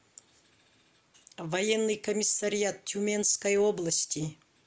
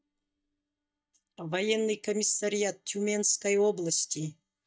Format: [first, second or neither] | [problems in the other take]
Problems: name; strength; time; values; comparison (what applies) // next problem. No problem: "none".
first | noise reduction (neural mask model DeepFilterNet 3)